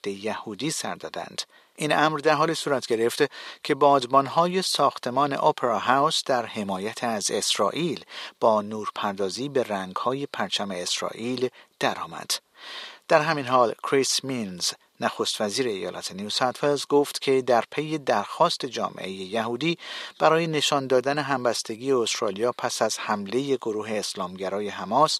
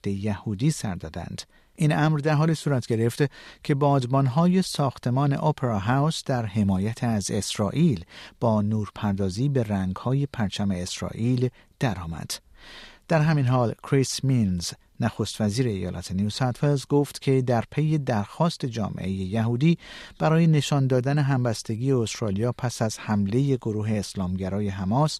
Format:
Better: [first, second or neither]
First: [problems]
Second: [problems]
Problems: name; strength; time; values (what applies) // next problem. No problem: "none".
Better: second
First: thin; very; fading below 450 Hz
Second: none